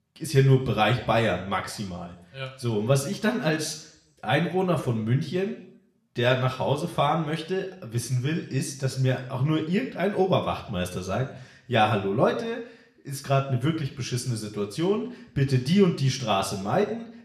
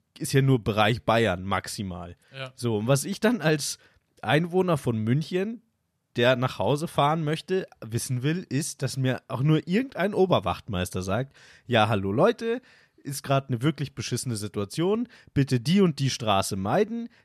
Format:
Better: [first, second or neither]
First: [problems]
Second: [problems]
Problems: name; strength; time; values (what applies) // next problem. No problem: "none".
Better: second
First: room echo; slight; dies away in 0.6 s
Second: none